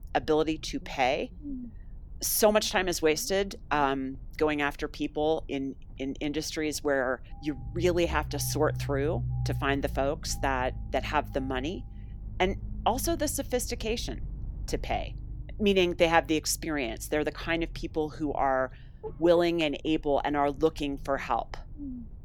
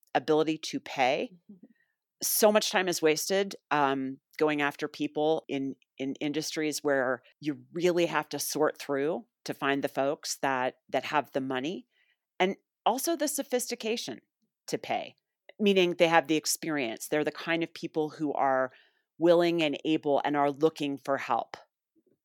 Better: second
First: low rumble; faint; throughout; 25 dB below the speech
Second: none

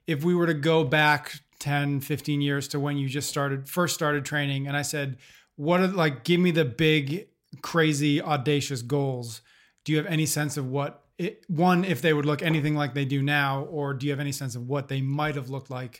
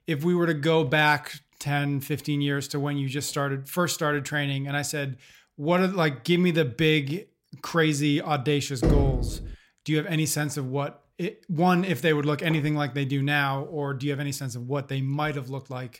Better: first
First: none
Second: door banging; loud; at 9 s; peak 2 dB above the speech

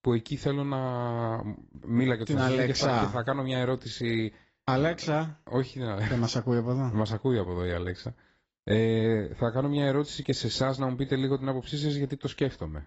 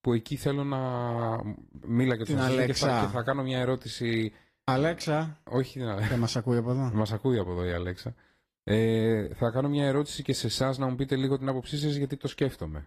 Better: second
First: garbled, watery; badly; nothing above 7.5 kHz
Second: garbled, watery; slightly; nothing above 14.5 kHz

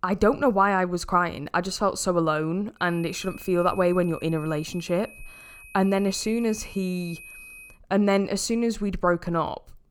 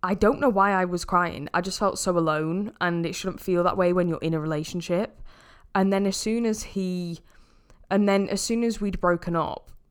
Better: second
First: high-pitched whine; noticeable; from 3 to 7.5 s; 2.5 kHz, 20 dB below the speech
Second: none

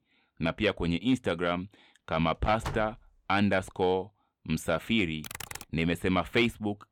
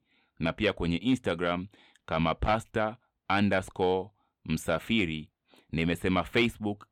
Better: second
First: door banging; noticeable; at 2.5 s; peak 10 dB below the speech // keyboard typing; noticeable; at 5 s; peak 10 dB below the speech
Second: none

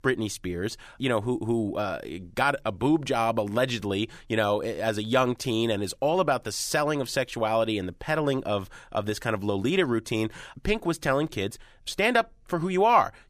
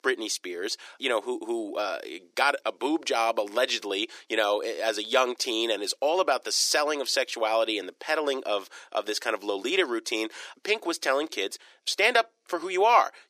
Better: first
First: none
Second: thin; somewhat; fading below 350 Hz

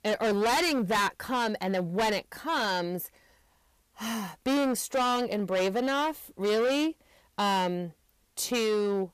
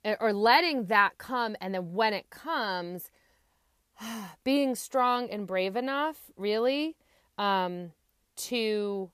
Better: second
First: distortion; heavy; 16% of the sound clipped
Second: none

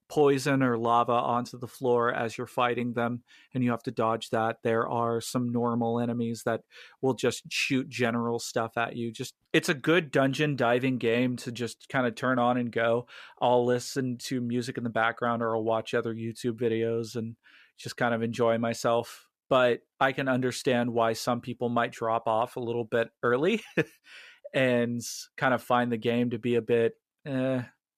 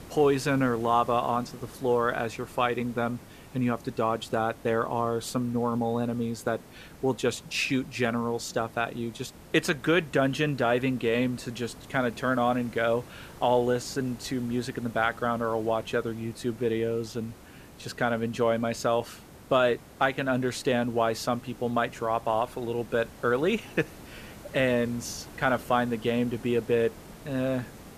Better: first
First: none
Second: hiss; noticeable; throughout; 20 dB below the speech

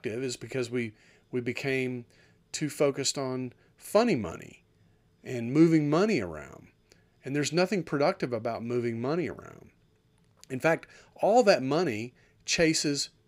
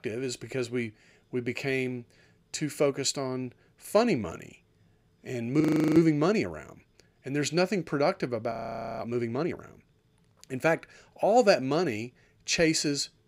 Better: first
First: none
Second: audio freezing; at 5.5 s and at 8.5 s

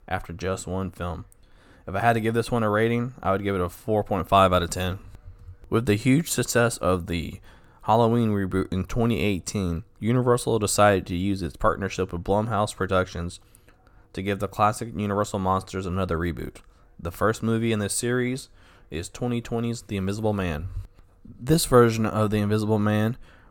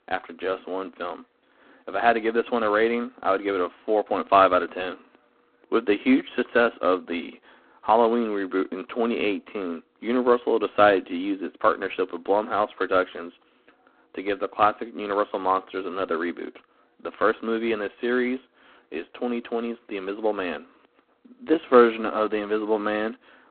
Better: first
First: none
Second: phone-call audio; poor line; nothing above 4 kHz

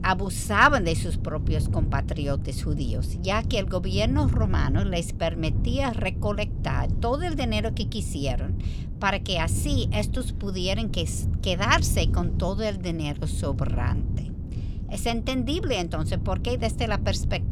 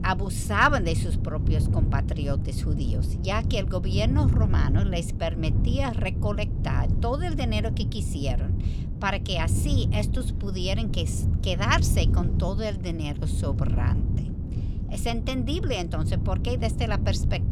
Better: first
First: wind noise on the microphone; occasional gusts; 15 dB below the speech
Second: wind noise on the microphone; heavy; 10 dB below the speech

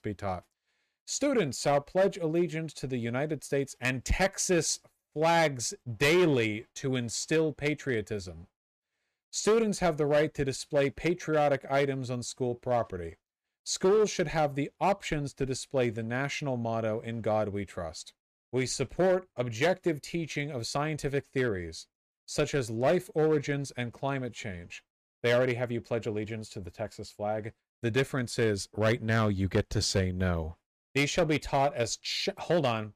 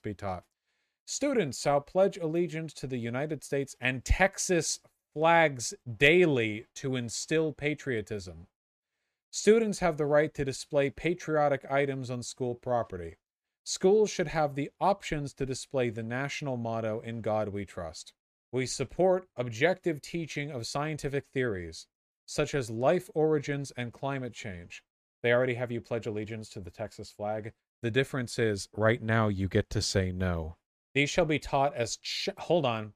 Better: second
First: distortion; slight; 4% of the sound clipped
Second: none

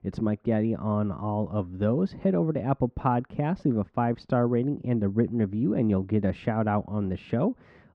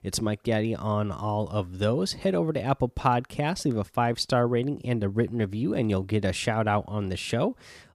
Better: second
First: muffled; very; fading above 1.5 kHz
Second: none

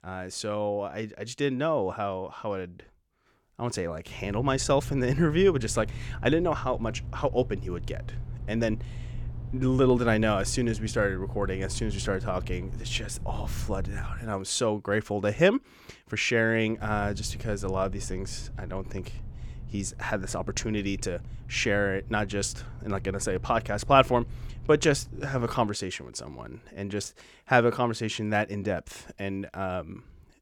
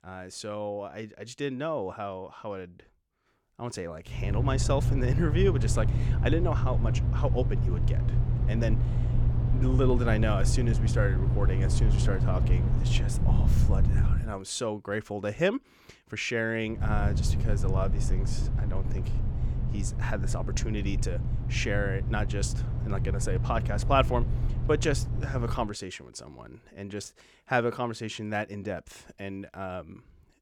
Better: first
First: low rumble; faint; from 4 to 14 s and from 17 to 26 s; 25 dB below the speech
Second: low rumble; loud; from 4 to 14 s and from 17 to 26 s; 8 dB below the speech

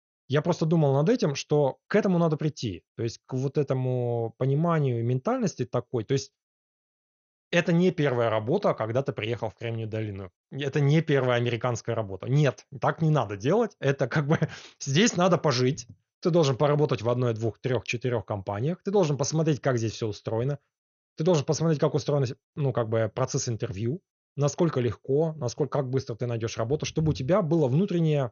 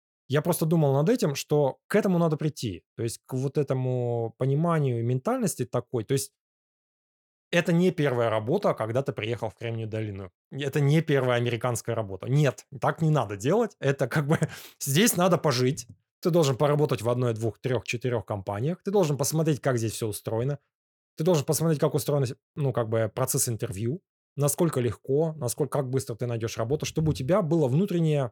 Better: second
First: garbled, watery; slightly; nothing above 6.5 kHz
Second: none

